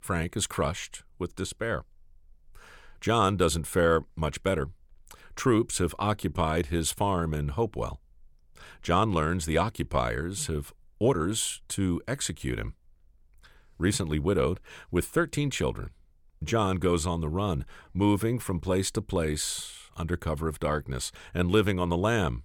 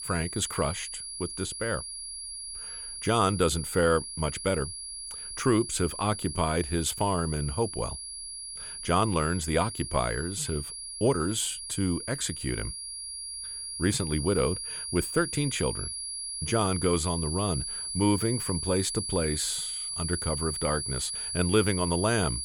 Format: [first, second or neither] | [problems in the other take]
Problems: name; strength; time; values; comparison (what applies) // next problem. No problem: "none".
first | high-pitched whine; loud; throughout; 10.5 kHz, 5 dB below the speech